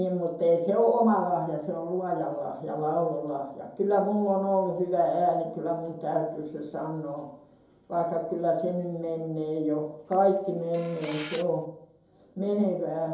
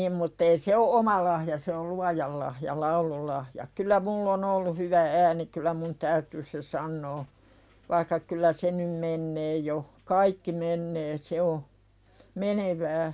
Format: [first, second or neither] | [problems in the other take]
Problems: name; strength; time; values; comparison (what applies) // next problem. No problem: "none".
second | background sound (Camera); 17 dB below the speech // room echo; dies away in 2.6 s